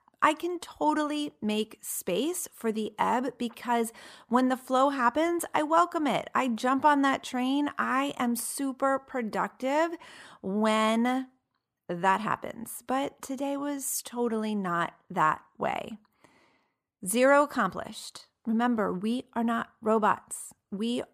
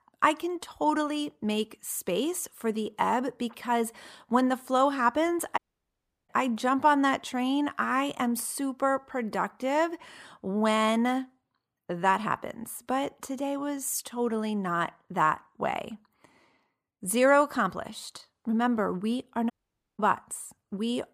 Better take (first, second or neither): first